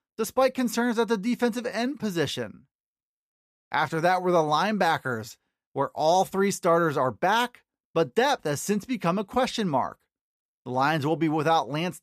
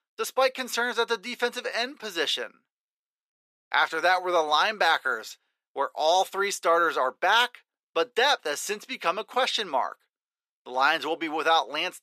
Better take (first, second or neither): first